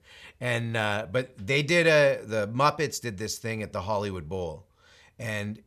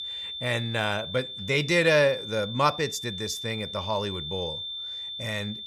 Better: first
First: none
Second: high-pitched whine; loud; throughout; 3.5 kHz, 7 dB below the speech

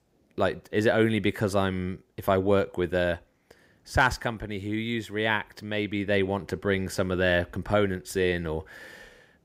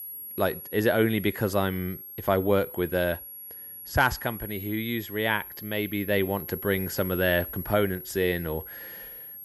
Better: first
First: none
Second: high-pitched whine; noticeable; throughout; 11.5 kHz, 10 dB below the speech

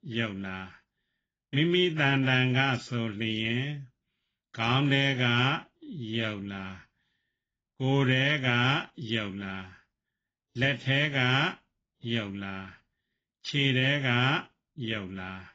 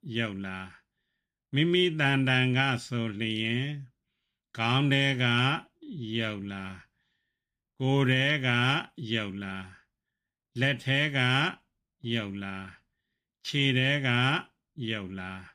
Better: second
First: garbled, watery; badly; nothing above 7.5 kHz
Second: none

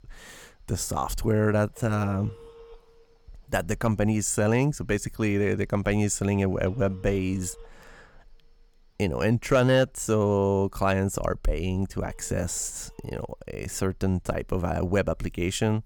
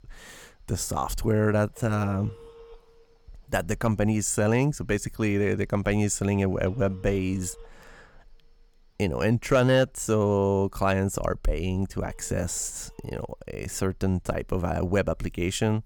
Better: neither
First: alarms or sirens; faint; throughout; 25 dB below the speech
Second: alarms or sirens; faint; throughout; 25 dB below the speech

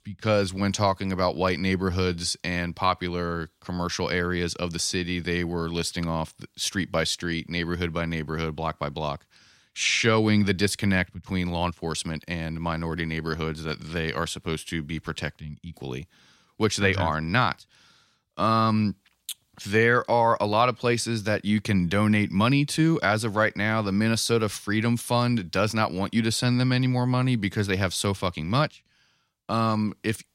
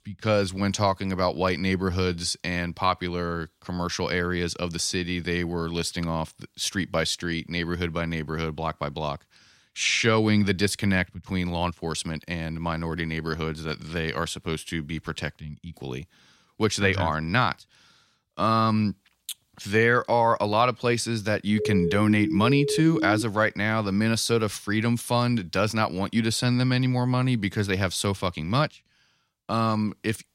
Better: first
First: none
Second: siren; noticeable; from 22 to 23 s; peak 2 dB below the speech

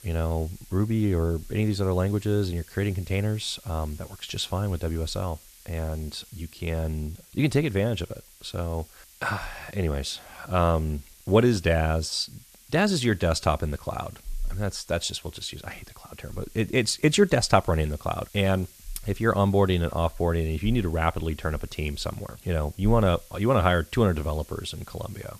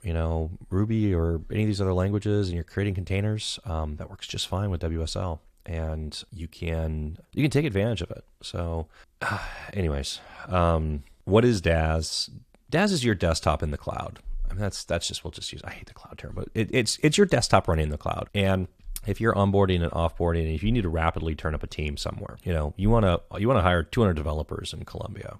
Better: second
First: hiss; faint; throughout; 25 dB below the speech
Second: none

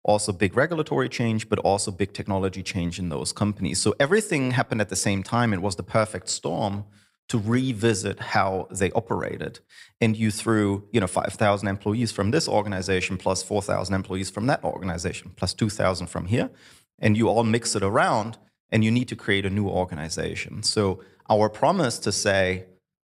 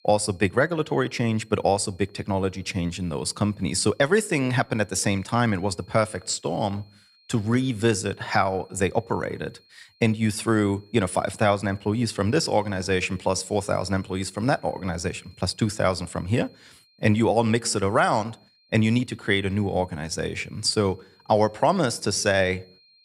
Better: first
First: none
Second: high-pitched whine; faint; throughout; 4 kHz, 30 dB below the speech

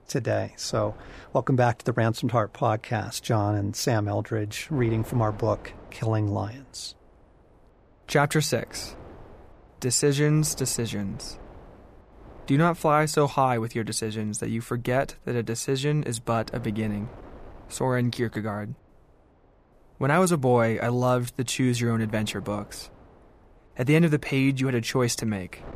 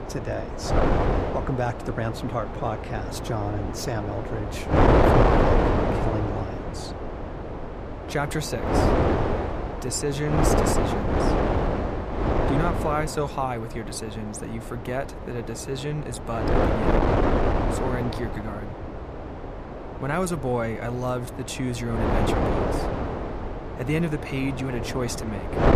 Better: first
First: wind noise on the microphone; occasional gusts; 25 dB below the speech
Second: wind noise on the microphone; heavy; 4 dB above the speech

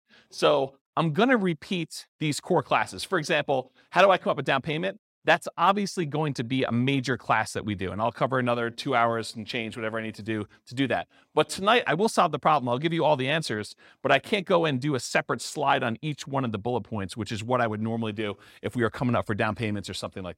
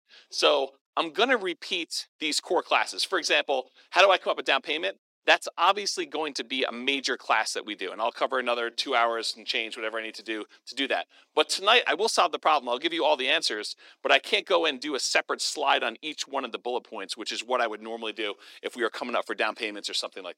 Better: first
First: none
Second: thin; somewhat; fading below 300 Hz

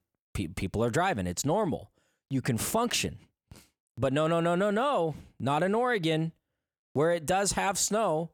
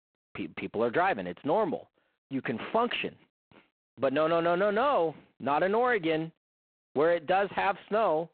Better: first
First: none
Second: phone-call audio; poor line; nothing above 4 kHz

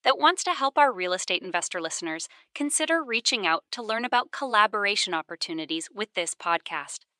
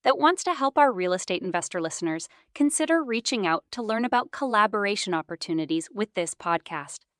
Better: second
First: thin; very slightly; fading below 700 Hz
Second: none

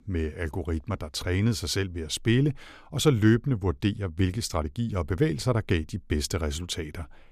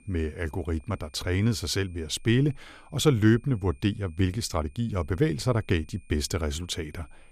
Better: first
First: none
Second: high-pitched whine; faint; throughout; 2.5 kHz, 35 dB below the speech

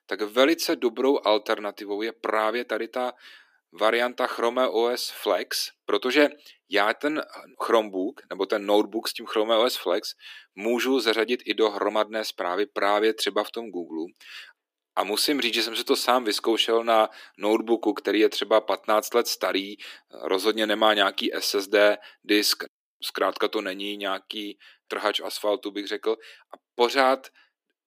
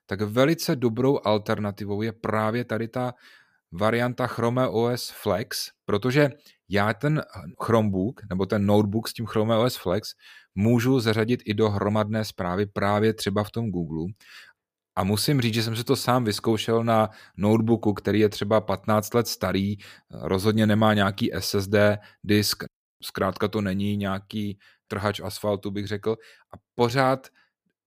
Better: second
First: thin; somewhat; fading below 300 Hz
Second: none

